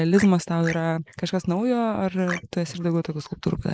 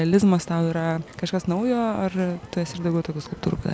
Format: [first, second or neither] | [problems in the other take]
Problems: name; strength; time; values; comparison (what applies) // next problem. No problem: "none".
second | noise reduction (neural mask model Resemble Enhance denoiser)